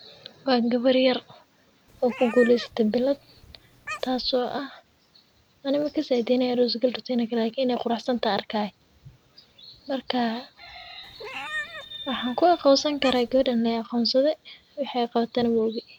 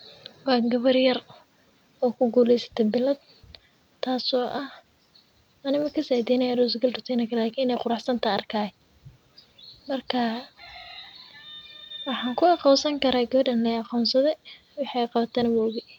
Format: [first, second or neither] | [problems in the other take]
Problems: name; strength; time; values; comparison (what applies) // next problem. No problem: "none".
second | background sound (Meow); 13 dB below the speech